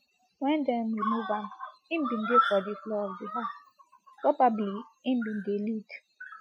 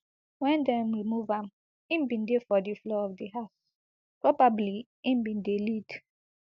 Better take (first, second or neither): second